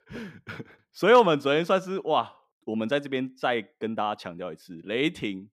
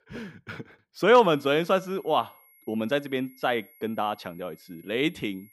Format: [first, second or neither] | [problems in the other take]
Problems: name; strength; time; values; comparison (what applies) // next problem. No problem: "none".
first | high-pitched whine; faint; from 1 s on; 11.5 kHz, 30 dB below the speech